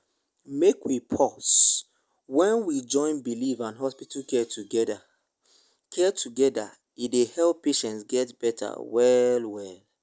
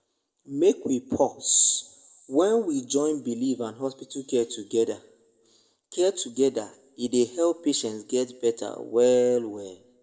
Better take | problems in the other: first | room echo; dies away in 0.5 s

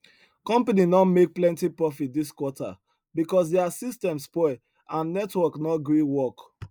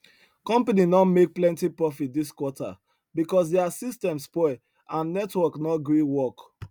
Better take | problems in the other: second | noise reduction (neural mask model Resemble Enhance denoiser)

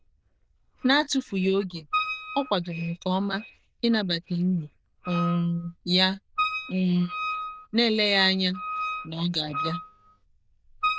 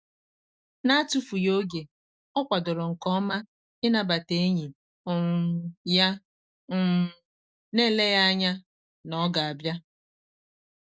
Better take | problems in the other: second | noise reduction (neural diffusion model UNIVERSE++)

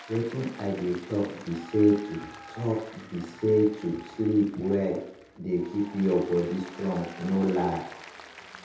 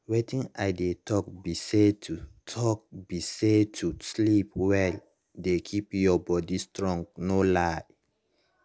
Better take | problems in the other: second | background sound (Applause); 19 dB below the speech // room echo; dies away in 0.8 s

